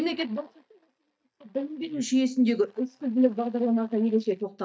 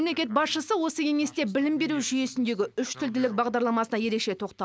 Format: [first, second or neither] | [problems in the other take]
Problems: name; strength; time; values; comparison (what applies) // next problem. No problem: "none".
second | noise reduction (neural mask model DeepFilterNet 3)